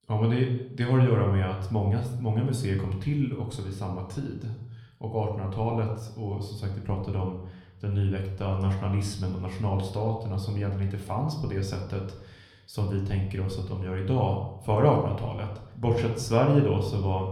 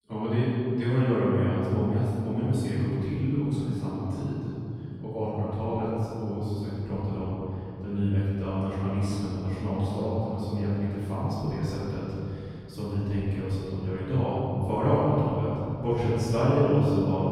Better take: first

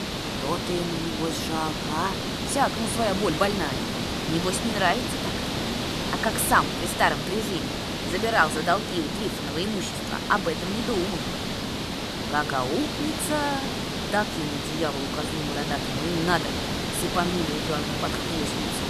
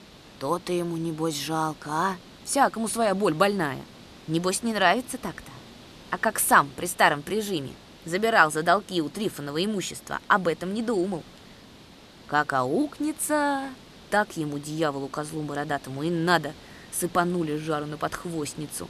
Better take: second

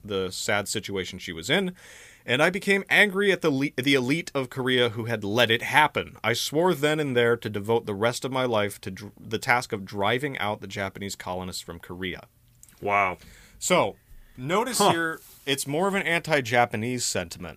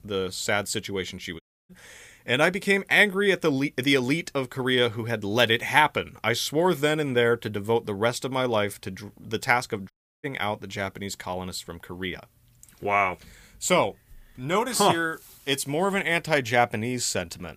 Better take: first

